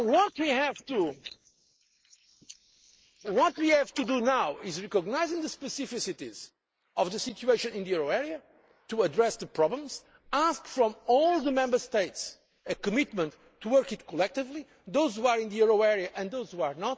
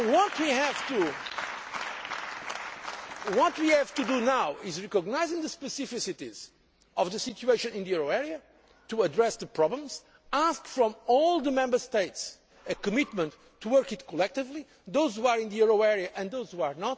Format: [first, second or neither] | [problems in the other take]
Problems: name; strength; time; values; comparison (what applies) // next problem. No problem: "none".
second | noise reduction (neural mask model Resemble Enhance denoiser)